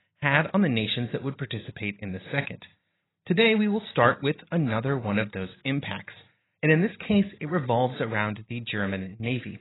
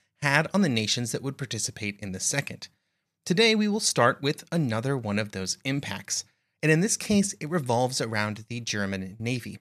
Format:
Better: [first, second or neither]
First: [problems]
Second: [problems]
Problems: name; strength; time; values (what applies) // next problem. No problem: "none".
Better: second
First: garbled, watery; badly; nothing above 4 kHz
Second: none